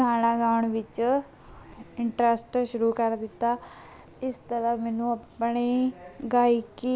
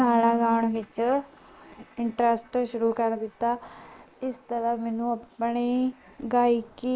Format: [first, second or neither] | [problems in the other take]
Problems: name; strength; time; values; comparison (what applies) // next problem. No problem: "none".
first | noise reduction (neural mask model Resemble Enhance denoiser)